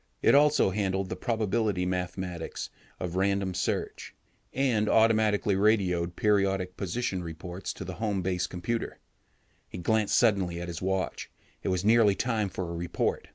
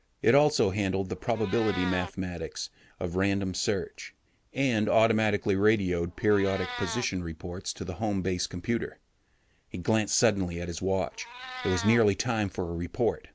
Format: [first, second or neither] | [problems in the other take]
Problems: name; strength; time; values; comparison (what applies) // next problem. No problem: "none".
first | background sound (Meow); 17 dB below the speech